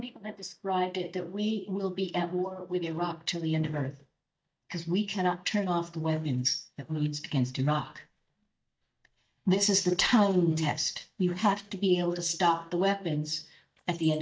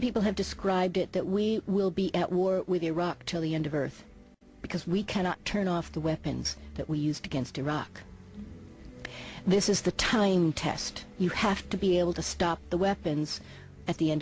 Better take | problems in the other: second | noise reduction (neural mask model DeepFilterNet 3)

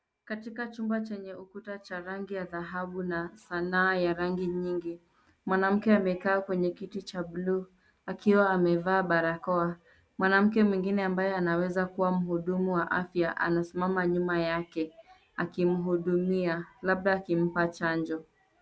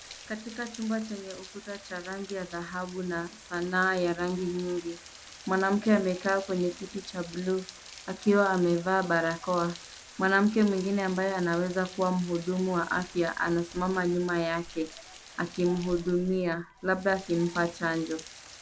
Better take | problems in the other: first | background sound (Rain); 18 dB below the speech

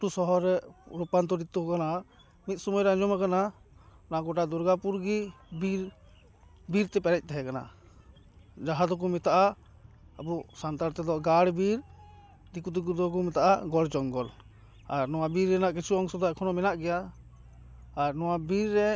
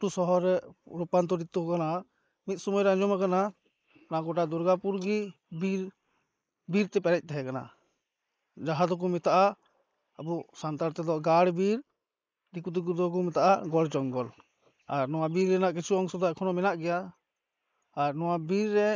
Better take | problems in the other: first | noise reduction (neural mask model Resemble Enhance denoiser)

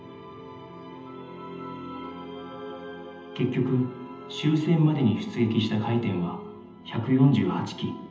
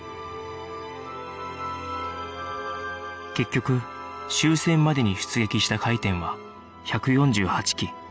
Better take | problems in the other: second | room echo; dies away in 0.8 s

